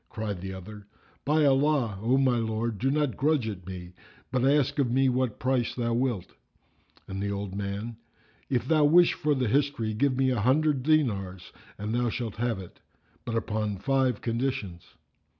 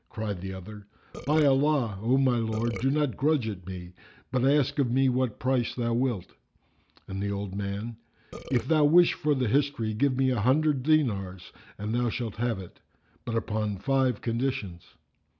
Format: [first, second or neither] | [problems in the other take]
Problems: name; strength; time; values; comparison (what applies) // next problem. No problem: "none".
first | background sound (Burping, eructation); 12 dB below the speech